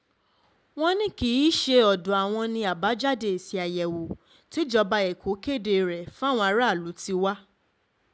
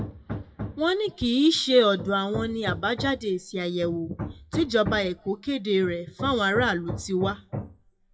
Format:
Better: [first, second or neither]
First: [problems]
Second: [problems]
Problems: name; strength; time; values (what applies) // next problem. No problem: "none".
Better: first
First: none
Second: noise reduction (classical method WPE with log-MMSE)